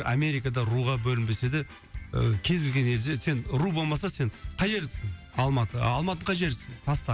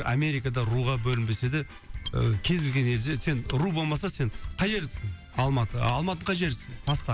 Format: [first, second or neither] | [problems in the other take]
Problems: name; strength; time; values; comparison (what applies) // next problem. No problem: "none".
first | background sound (Mechanisms); 13 dB below the speech